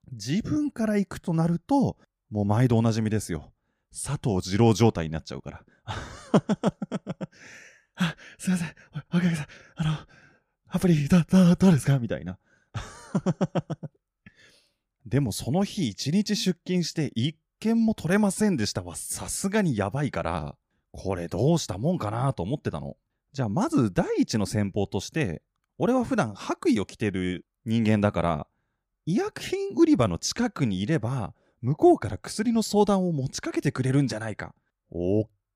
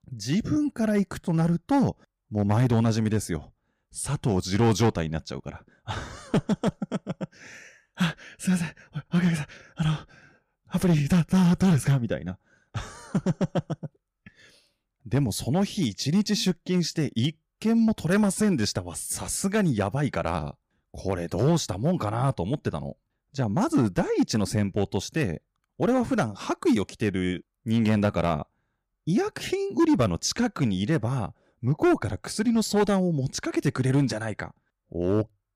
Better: first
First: none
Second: distortion; slight; 3% of the sound clipped

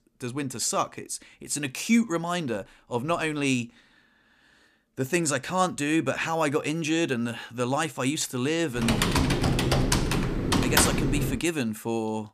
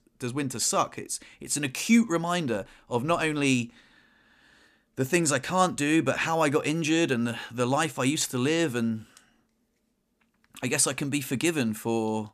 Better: second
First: keyboard typing; loud; from 9 to 11 s; peak 5 dB above the speech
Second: none

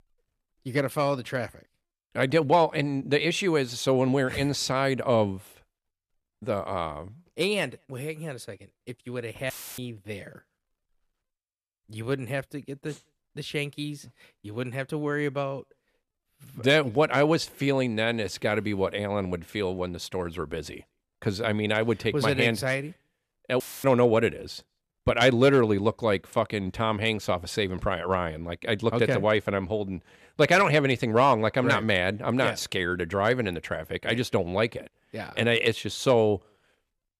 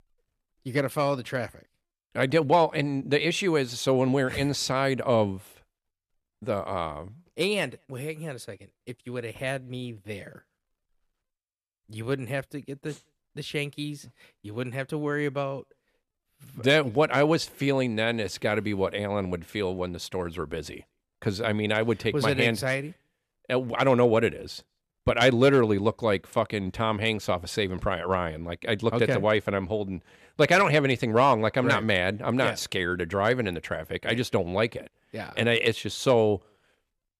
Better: second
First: audio cutting out; filled with static; at 9.5 s and at 24 s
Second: none

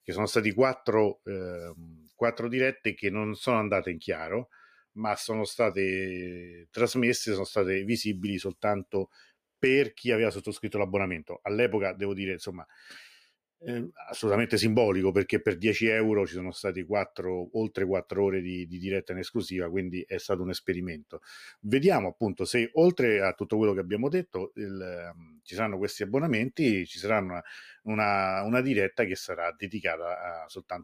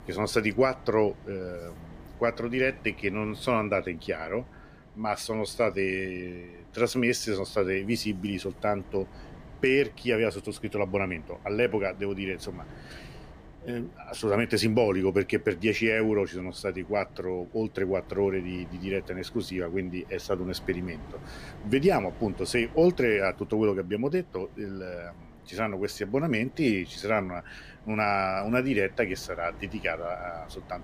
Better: first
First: none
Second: wind noise on the microphone; occasional gusts; 25 dB below the speech

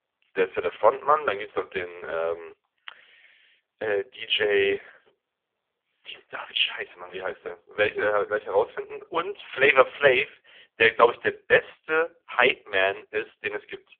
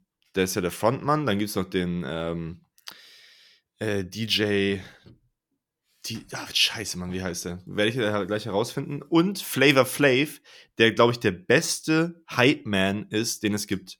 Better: second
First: phone-call audio; poor line; nothing above 3.5 kHz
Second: none

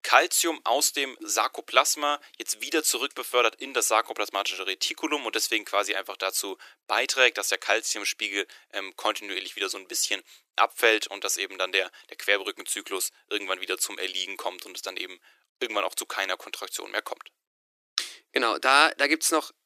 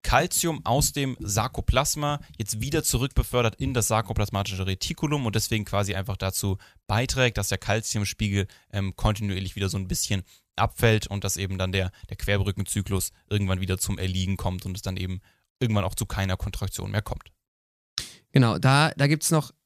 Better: second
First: thin; very; fading below 300 Hz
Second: none

